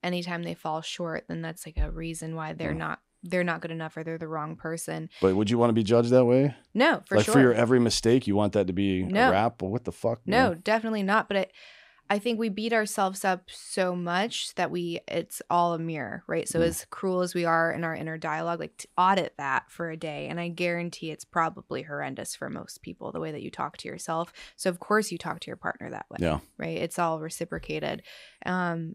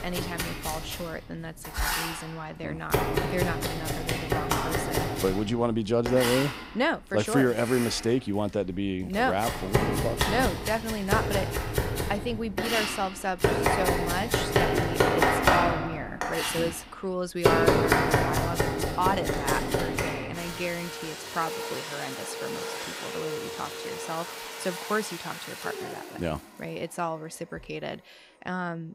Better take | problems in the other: first | household noises; very loud; throughout; 2 dB above the speech

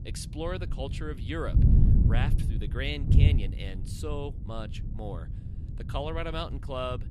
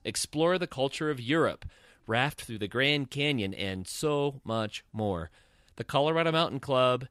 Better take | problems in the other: second | wind noise on the microphone; heavy; 6 dB below the speech

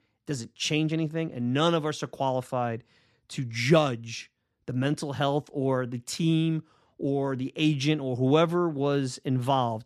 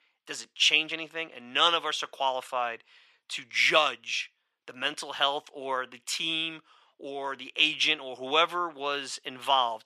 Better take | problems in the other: first | thin; very; fading below 750 Hz

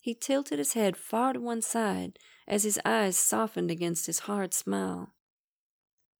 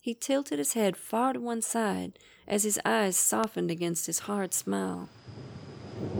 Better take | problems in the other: first | rain or running water; noticeable; throughout; 20 dB below the speech

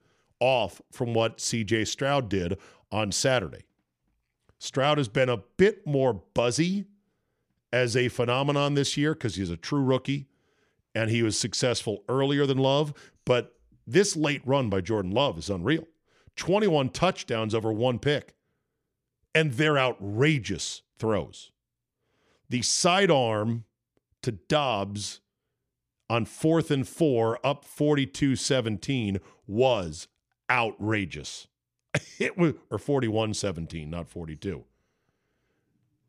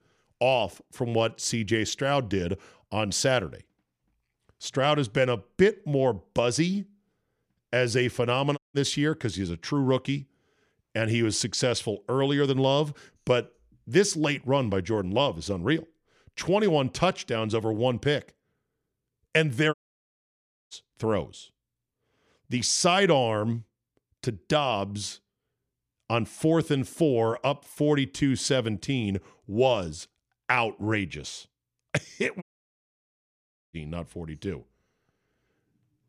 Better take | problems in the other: first | audio cutting out; at 8.5 s, at 20 s for 1 s and at 32 s for 1.5 s

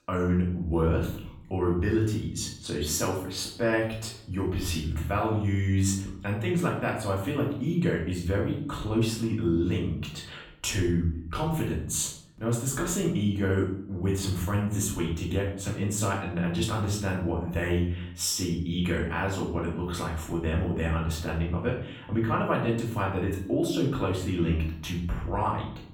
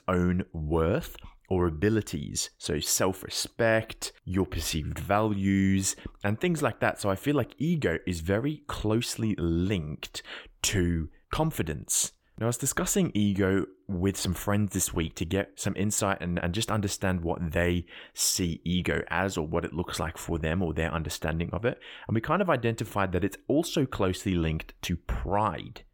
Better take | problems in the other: second | off-mic speech; far // room echo; noticeable; dies away in 0.6 s

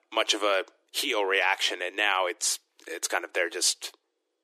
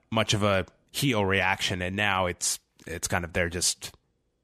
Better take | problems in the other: second | thin; very; fading below 300 Hz

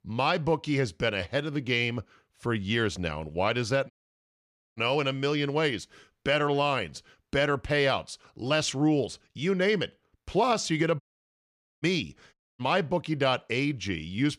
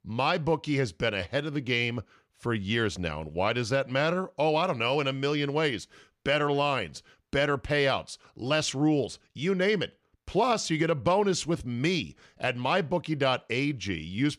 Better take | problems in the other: second | audio cutting out; at 4 s for 1 s, at 11 s for 1 s and at 12 s

